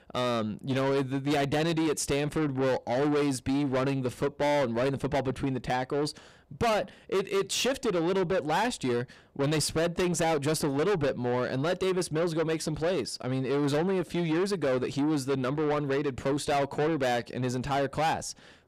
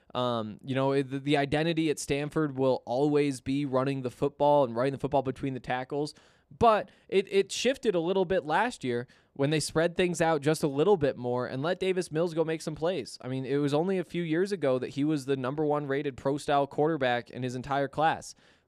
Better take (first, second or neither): second